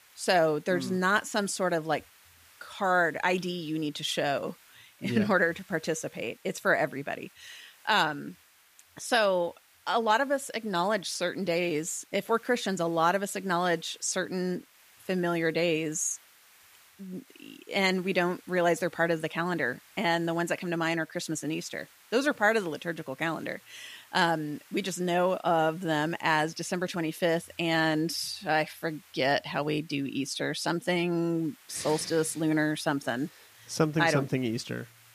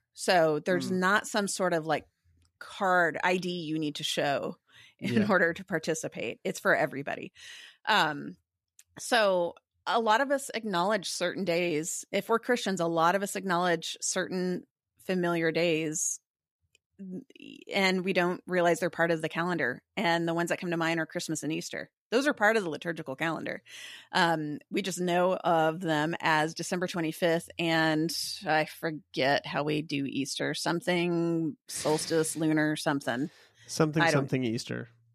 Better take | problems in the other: second | hiss; faint; throughout; 25 dB below the speech

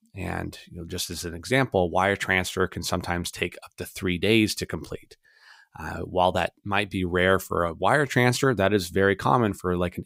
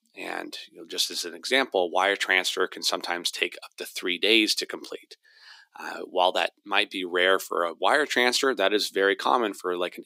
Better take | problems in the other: first | thin; somewhat; fading below 300 Hz

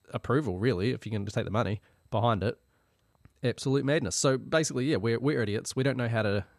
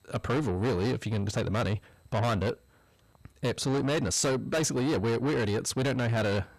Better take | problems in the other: first | distortion; heavy; 7 dB below the speech

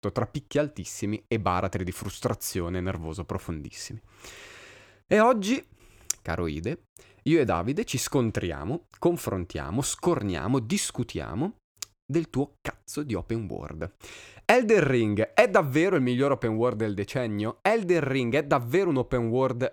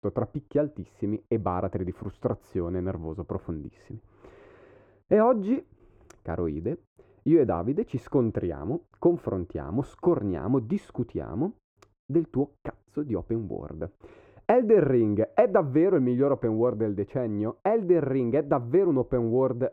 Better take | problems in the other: first | muffled; very; fading above 2.5 kHz

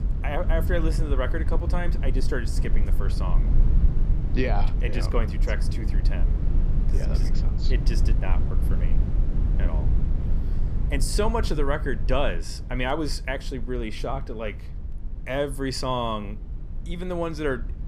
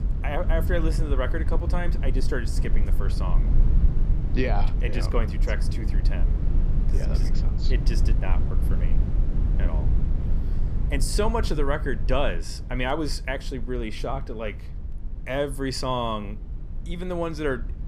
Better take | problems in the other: neither | low rumble; noticeable; throughout; 10 dB below the speech; the same in both

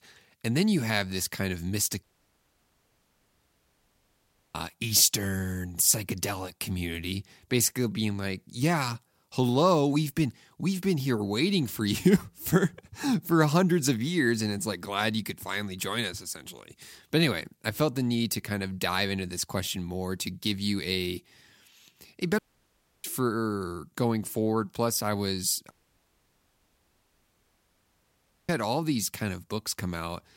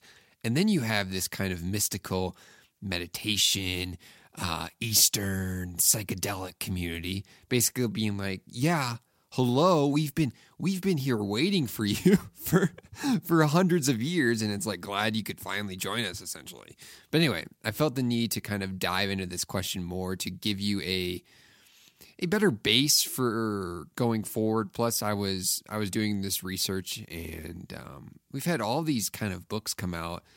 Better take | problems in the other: second | audio cutting out; at 2 s for 2.5 s, at 22 s for 0.5 s and at 26 s for 3 s

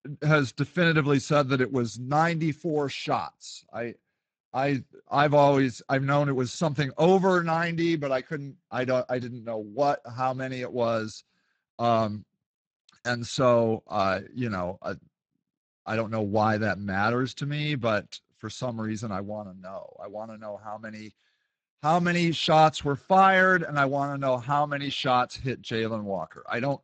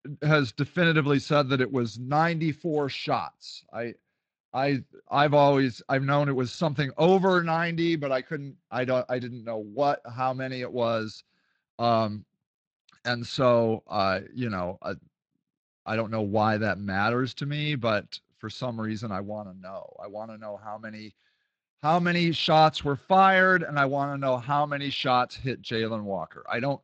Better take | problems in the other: second | garbled, watery; badly; nothing above 8 kHz; slightly in the second

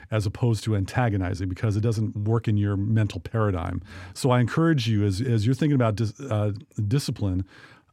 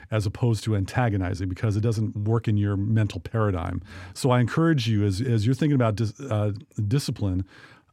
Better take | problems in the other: neither | none

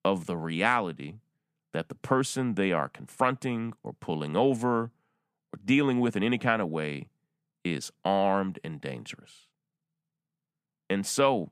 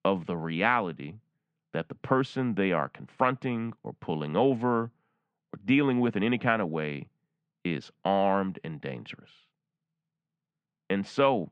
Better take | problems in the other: first | muffled; slightly; fading above 3.5 kHz

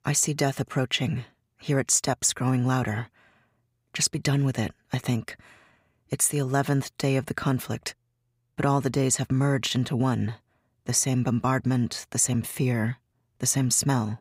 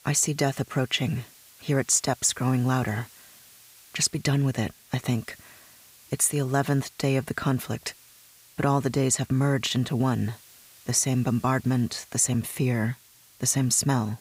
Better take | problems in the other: first | hiss; faint; throughout; 25 dB below the speech

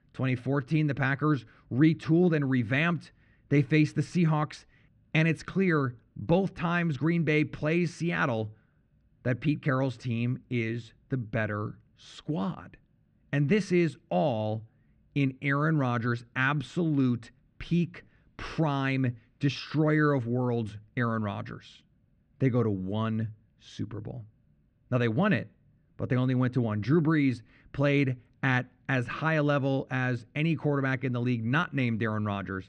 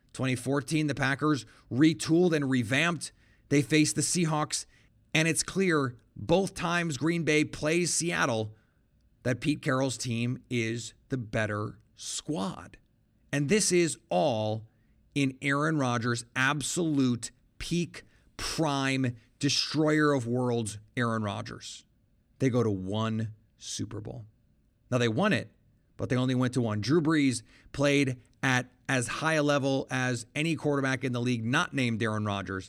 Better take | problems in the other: second | muffled; slightly; fading above 2.5 kHz

